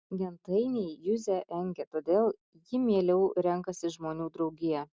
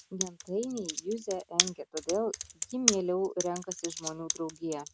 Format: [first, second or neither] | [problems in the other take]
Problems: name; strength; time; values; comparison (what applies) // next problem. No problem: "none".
first | background sound (Computer keyboard); 1 dB below the speech